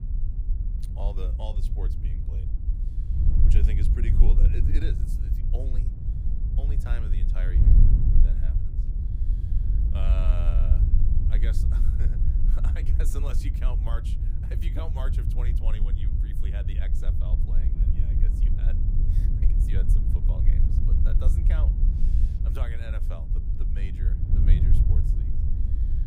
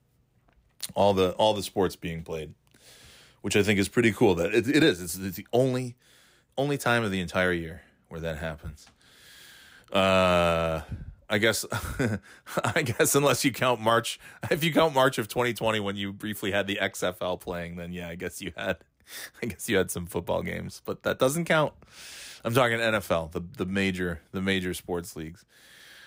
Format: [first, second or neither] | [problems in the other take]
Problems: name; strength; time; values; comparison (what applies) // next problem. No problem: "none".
second | wind noise on the microphone; heavy; as loud as the speech